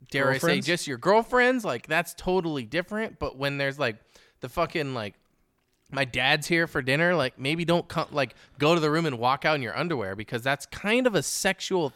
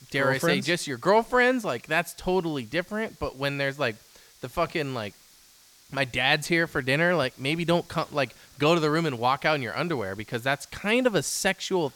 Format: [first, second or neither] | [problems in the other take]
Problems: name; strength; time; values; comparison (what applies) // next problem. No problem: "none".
first | hiss; faint; throughout; 25 dB below the speech